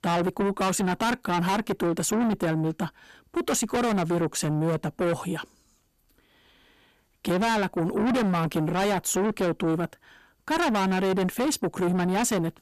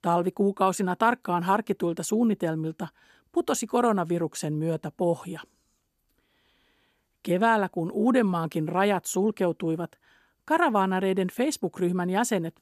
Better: second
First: distortion; heavy; 5 dB below the speech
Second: none

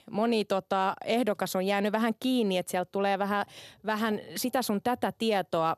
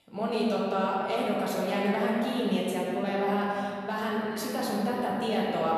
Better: first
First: none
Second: room echo; strong; dies away in 2.9 s // off-mic speech; far

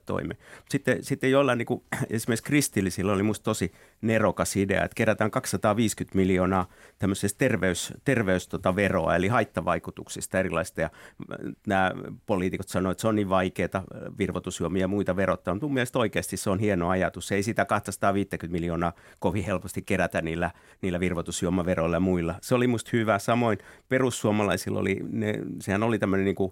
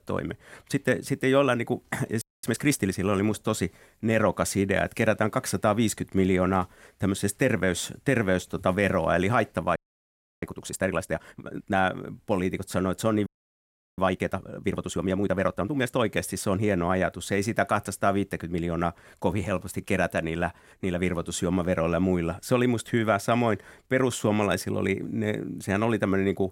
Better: first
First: none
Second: audio freezing; at 2 s, at 10 s for 0.5 s and at 13 s for 0.5 s

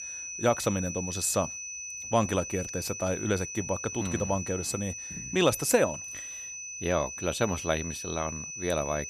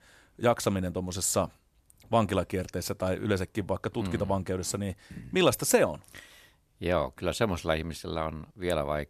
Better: second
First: high-pitched whine; loud; throughout; 6 kHz, 7 dB below the speech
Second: none

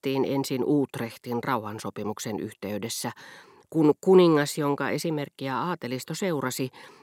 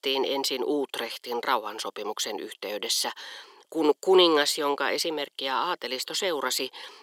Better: first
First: none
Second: thin; somewhat; fading below 400 Hz

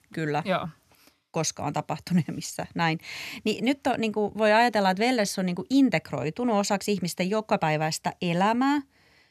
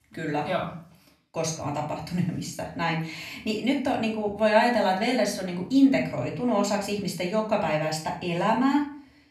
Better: first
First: none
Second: off-mic speech; far // room echo; slight; dies away in 0.4 s

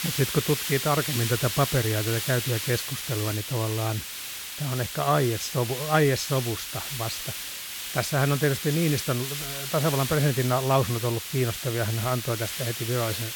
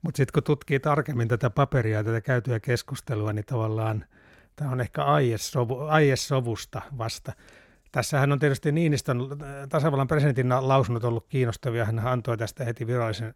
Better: second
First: hiss; loud; throughout; 4 dB below the speech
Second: none

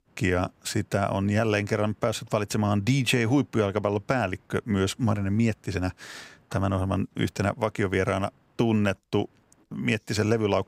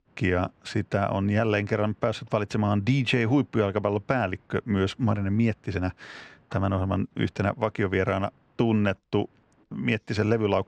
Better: first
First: none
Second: muffled; slightly; fading above 3.5 kHz

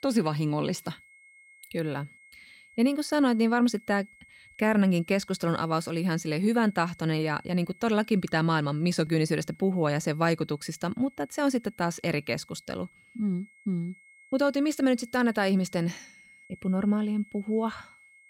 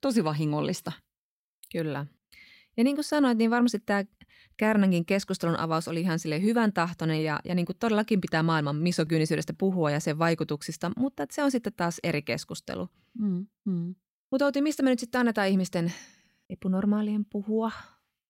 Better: second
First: high-pitched whine; faint; throughout; 2 kHz, 25 dB below the speech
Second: none

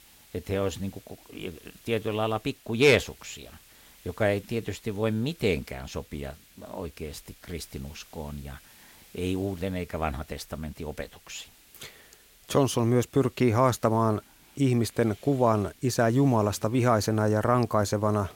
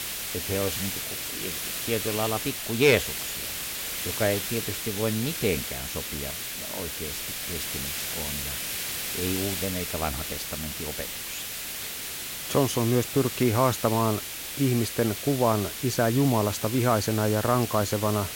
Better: first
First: hiss; faint; throughout; 25 dB below the speech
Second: hiss; loud; throughout; 4 dB below the speech

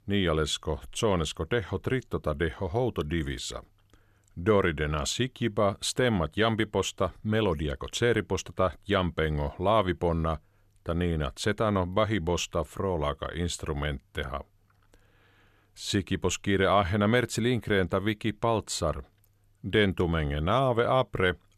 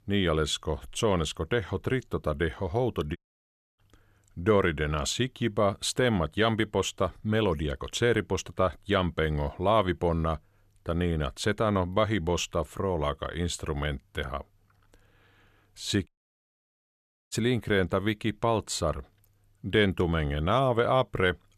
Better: first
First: none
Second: audio cutting out; at 3 s for 0.5 s and at 16 s for 1 s

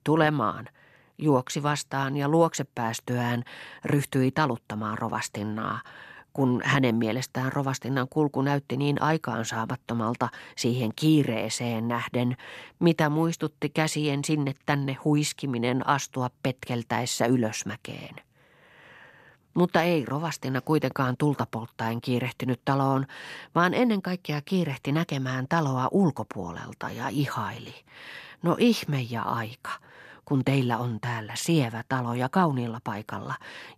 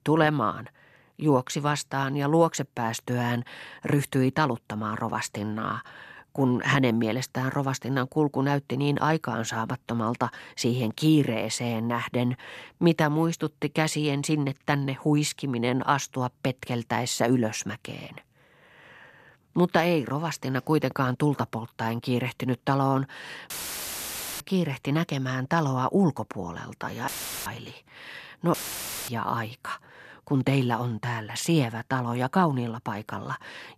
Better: first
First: none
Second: audio cutting out; filled with static; at 24 s for 1 s, at 27 s and at 29 s for 0.5 s

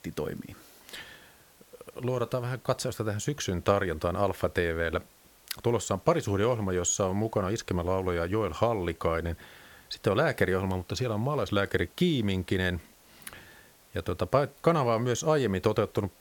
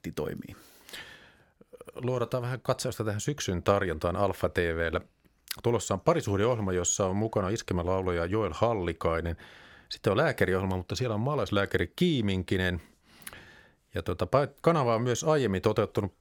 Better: second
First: hiss; faint; throughout; 30 dB below the speech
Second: none

